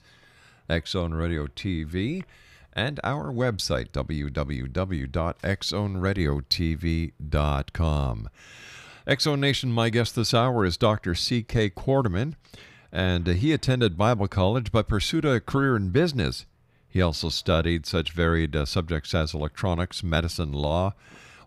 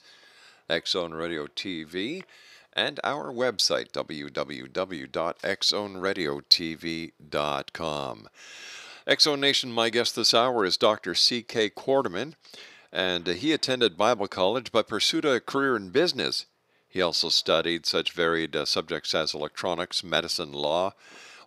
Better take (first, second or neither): first